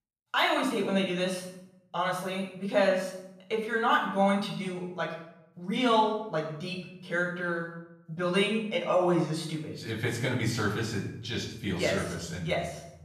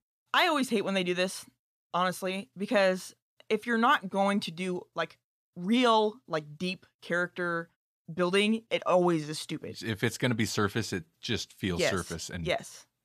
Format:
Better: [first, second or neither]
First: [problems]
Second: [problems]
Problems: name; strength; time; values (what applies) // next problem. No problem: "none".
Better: second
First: off-mic speech; far // room echo; noticeable; dies away in 0.7 s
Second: none